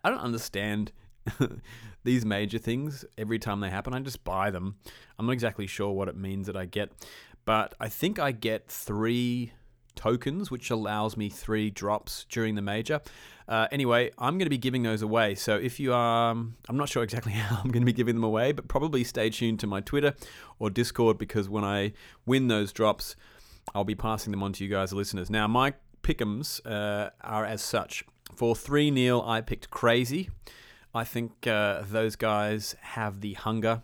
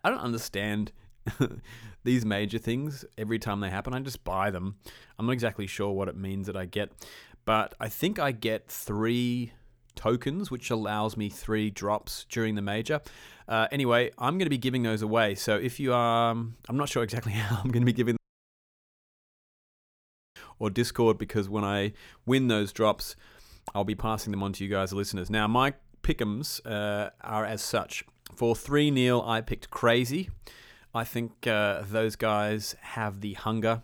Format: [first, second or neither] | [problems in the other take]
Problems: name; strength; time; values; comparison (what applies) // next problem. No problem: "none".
first | audio cutting out; at 18 s for 2 s